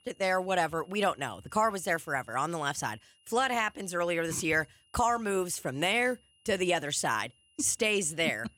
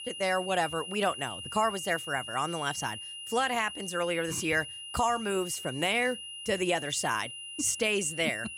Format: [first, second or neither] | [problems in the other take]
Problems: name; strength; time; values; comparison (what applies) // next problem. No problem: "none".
first | high-pitched whine; loud; throughout; 3 kHz, 9 dB below the speech; faint in the first